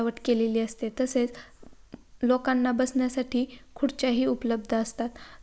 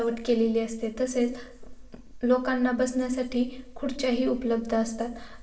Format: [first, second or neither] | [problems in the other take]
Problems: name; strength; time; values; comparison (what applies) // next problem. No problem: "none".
first | room echo; dies away in 0.7 s